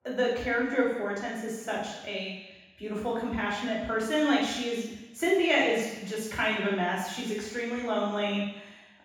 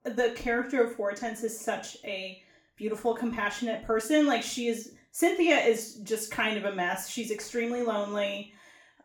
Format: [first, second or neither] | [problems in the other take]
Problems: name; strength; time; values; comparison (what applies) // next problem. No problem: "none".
second | room echo; strong; dies away in 1.1 s; slight in the second // off-mic speech; far; far in the second